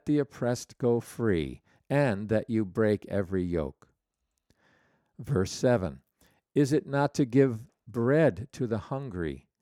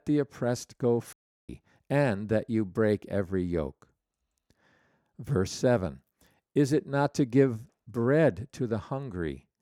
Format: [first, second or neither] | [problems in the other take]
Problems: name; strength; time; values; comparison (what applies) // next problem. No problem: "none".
first | audio cutting out; at 1 s